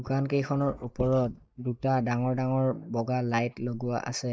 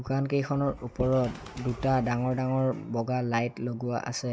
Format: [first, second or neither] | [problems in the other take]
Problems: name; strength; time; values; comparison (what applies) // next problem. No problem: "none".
second | noise reduction (neural mask model DeepFilterNet 3)